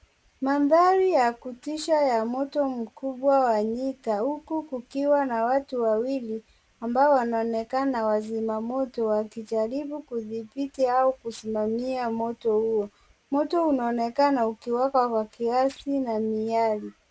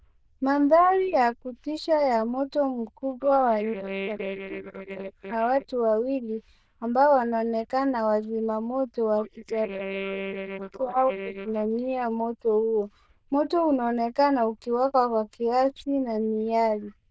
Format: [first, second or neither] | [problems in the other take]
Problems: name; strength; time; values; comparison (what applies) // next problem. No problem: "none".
first | noise reduction (neural diffusion model UNIVERSE++)